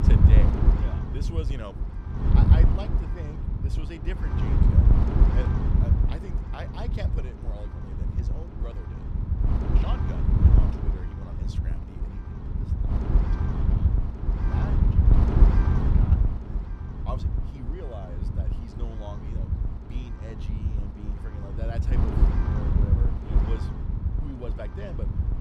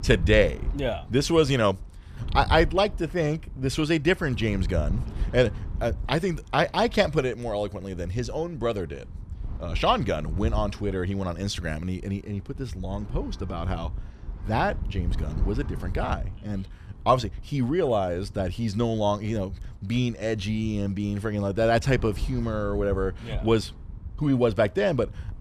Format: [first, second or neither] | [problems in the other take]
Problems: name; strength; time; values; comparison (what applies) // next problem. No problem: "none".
second | wind noise on the microphone; heavy; 4 dB above the speech; occasional gusts in the second